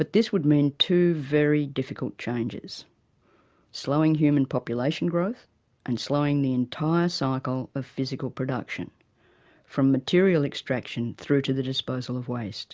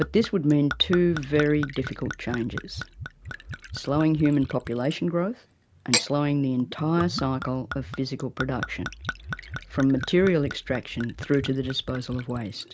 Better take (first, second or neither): first